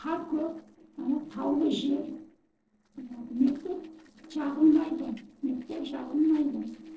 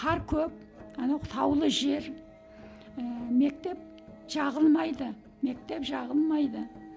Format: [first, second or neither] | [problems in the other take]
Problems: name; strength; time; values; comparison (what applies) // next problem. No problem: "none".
second | noise reduction (neural separator model SepFormer DNS4)